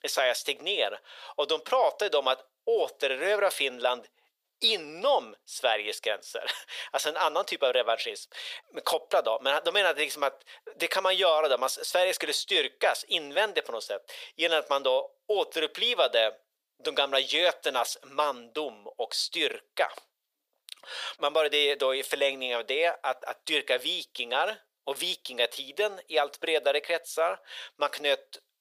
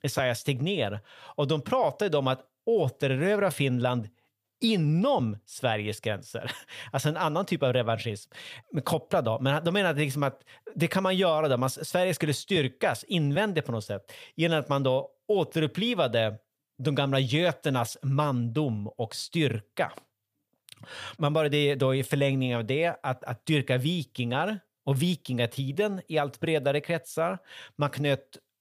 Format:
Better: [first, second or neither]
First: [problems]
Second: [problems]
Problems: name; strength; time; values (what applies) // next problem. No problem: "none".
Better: second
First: thin; very; fading below 450 Hz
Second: none